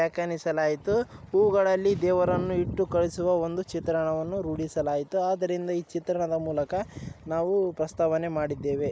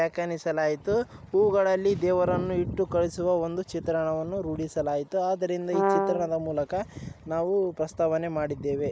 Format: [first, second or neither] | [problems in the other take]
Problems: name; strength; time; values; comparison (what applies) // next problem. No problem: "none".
first | background sound (Brass instrument); as loud as the speech